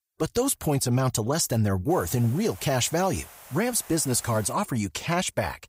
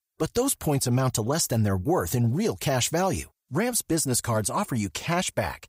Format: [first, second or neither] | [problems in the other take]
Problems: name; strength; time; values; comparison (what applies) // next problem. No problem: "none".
second | hiss; noticeable; from 2 to 4.5 s; 20 dB below the speech